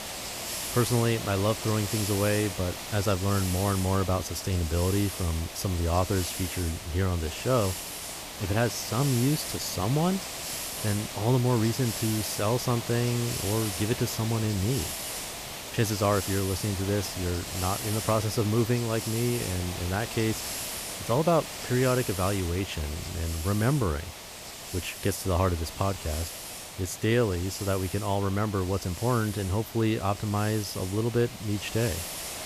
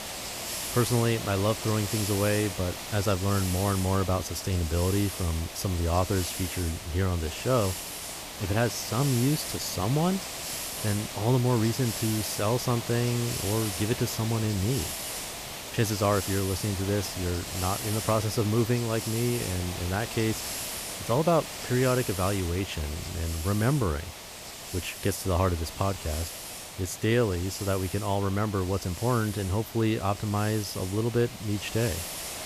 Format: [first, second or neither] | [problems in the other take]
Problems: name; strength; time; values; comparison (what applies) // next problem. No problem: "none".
neither | hiss; loud; throughout; 6 dB below the speech; the same in both